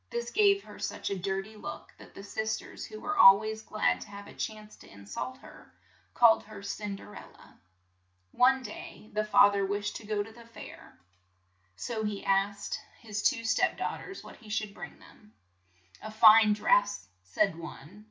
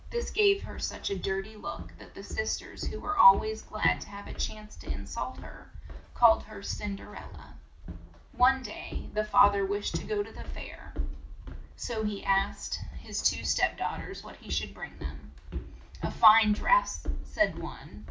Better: first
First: none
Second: background sound (Walk, footsteps); 7 dB below the speech

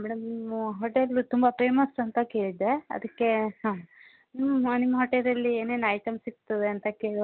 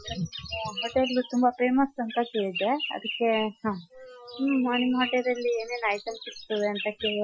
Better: first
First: none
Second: noise reduction (classical method Wiener filter)

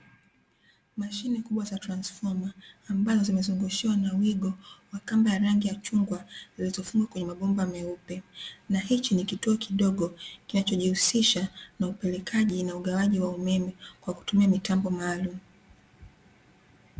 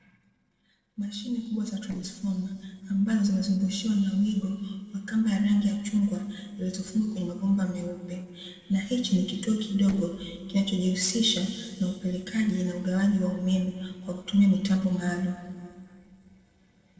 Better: first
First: none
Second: noise reduction (neural separator model SepFormer DNS4)

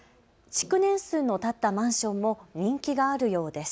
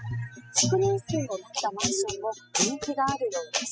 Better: first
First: none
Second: noise reduction (classical method spectral subtraction)

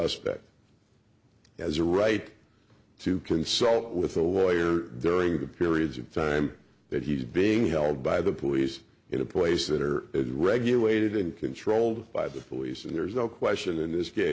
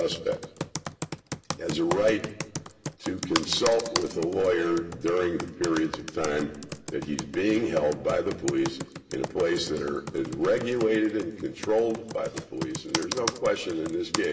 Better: first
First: none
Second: background sound (Computer keyboard); 9 dB below the speech // room echo; dies away in 1.3 s

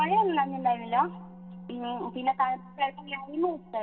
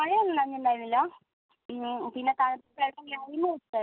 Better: second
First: background sound (Musical instrument); 15 dB below the speech // room echo; dies away in 1.7 s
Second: none

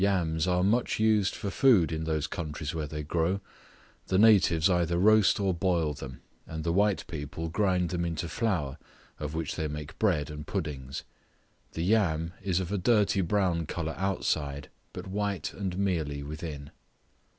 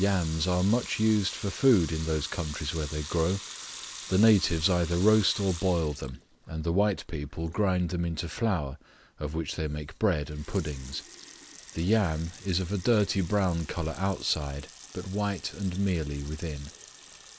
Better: first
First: none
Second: background sound (Sink (filling or washing) / Water tap, faucet / Liquid); 17 dB below the speech

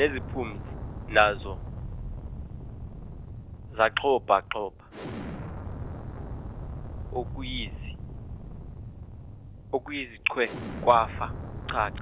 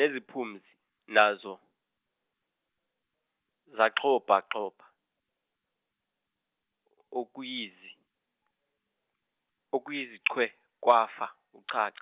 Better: second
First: background sound (Explosion); 7 dB below the speech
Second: none

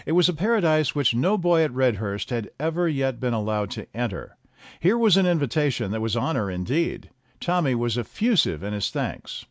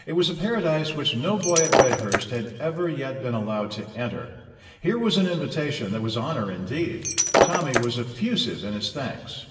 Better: first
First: none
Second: background sound (Shatter); 1 dB above the speech // room echo; dies away in 1.4 s

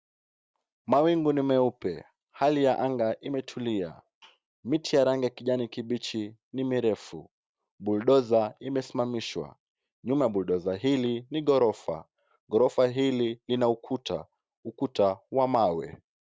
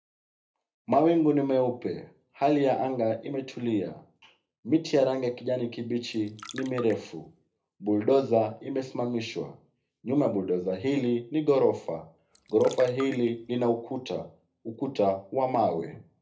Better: first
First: none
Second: background sound (Trickle, dribble); 18 dB below the speech // room echo; dies away in 0.3 s

